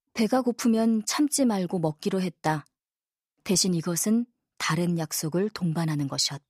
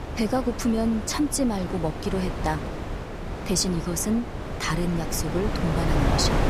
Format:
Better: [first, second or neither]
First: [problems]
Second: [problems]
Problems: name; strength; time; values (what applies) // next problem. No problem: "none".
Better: first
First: none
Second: wind noise on the microphone; heavy; 4 dB below the speech